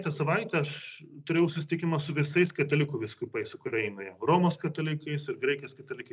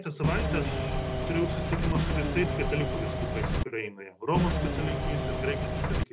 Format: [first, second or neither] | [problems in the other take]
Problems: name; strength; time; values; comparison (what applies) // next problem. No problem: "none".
first | background sound (Engine / Mechanisms); 4 dB above the speech